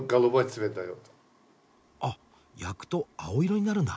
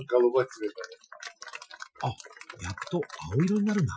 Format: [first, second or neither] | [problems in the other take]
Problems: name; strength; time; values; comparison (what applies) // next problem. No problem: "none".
first | noise reduction (classical method Wiener filter)